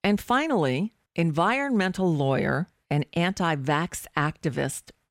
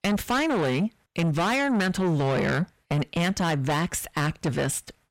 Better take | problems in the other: first | distortion; heavy; 6 dB below the speech

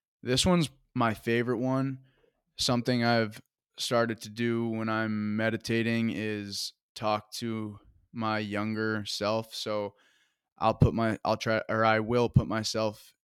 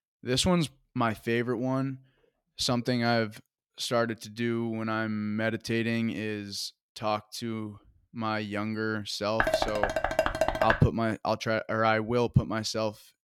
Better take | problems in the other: first | clattering dishes; loud; from 9.5 to 11 s; peak 3 dB above the speech

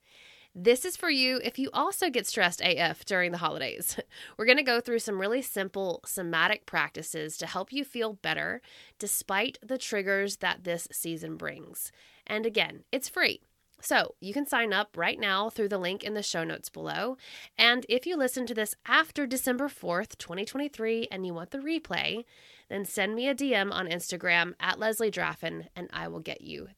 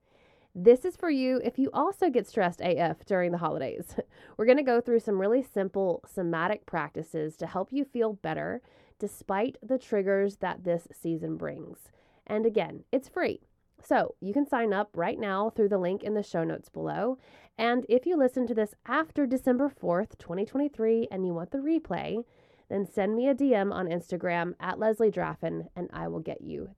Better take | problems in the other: first | muffled; very; fading above 1.5 kHz

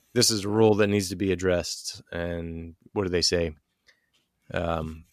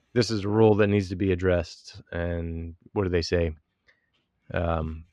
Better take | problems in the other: first | muffled; slightly; fading above 3 kHz

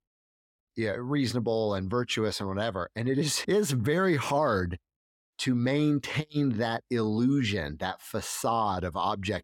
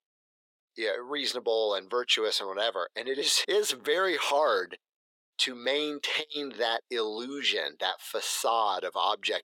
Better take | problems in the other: first | thin; very; fading below 450 Hz

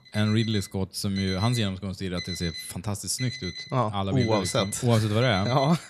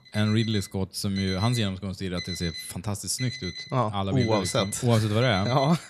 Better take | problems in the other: neither | alarm; noticeable; peak 8 dB below the speech; the same in both

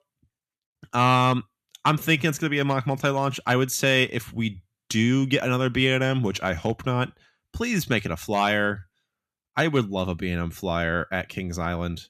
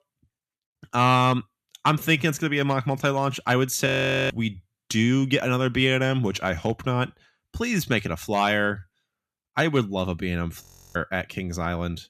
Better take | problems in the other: first | audio freezing; at 4 s and at 11 s

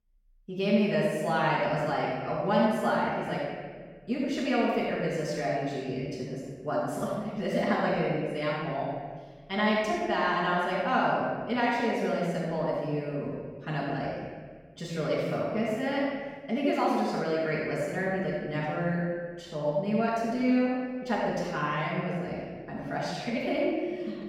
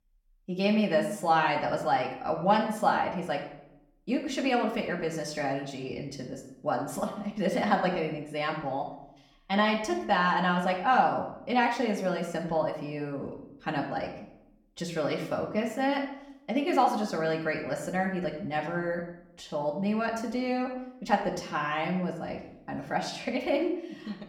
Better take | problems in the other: second | room echo; strong; dies away in 1.7 s; slight in the second // off-mic speech; far; far in the second

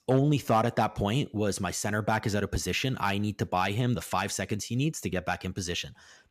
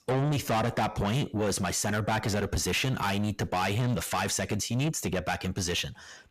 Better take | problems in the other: first | distortion; heavy; 6 dB below the speech

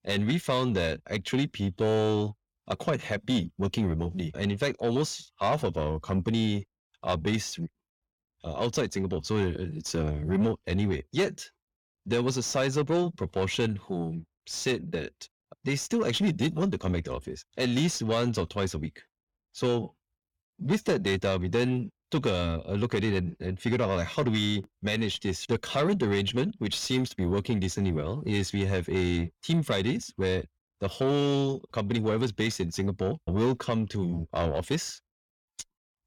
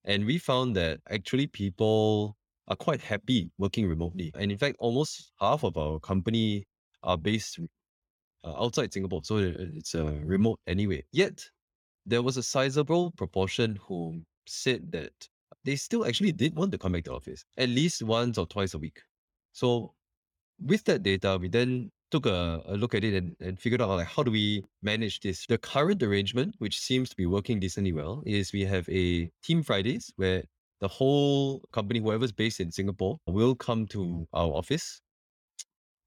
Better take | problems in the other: second | distortion; slight; 10 dB below the speech

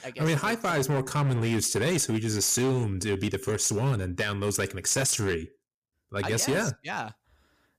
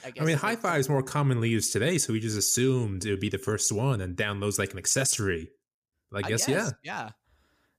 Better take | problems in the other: second | distortion; slight; 11% of the sound clipped

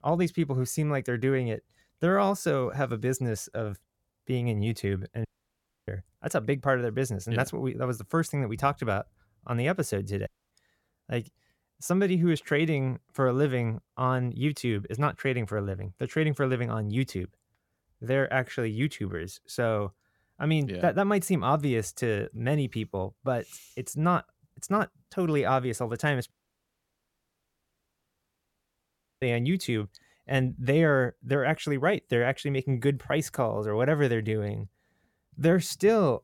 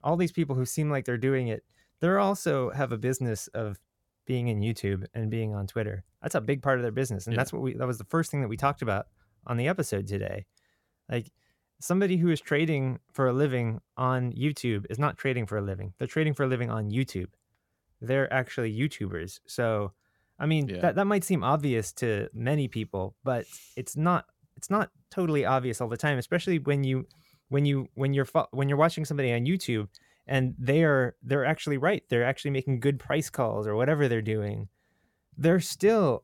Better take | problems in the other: second | audio cutting out; at 5.5 s for 0.5 s, at 10 s and at 26 s for 3 s

